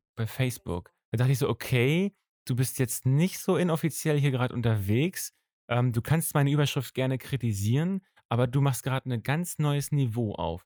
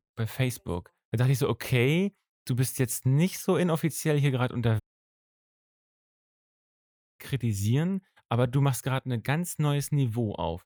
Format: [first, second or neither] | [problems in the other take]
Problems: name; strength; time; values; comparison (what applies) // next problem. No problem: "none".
first | audio cutting out; at 5 s for 2.5 s